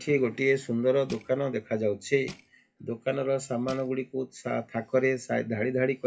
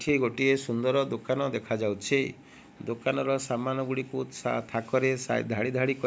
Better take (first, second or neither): second